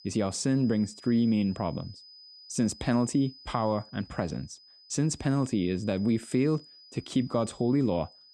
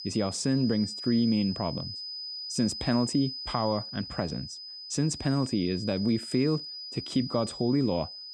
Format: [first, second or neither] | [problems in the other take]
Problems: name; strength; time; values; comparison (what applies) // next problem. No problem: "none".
first | high-pitched whine; loud; throughout; 5 kHz, 8 dB below the speech; faint in the first